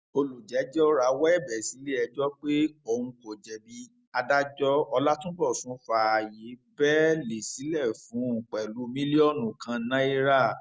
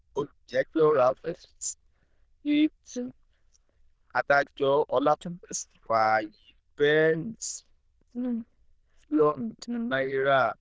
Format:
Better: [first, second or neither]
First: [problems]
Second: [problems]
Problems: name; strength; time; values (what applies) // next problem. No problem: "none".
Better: first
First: none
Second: noise reduction (neural diffusion model UNIVERSE++)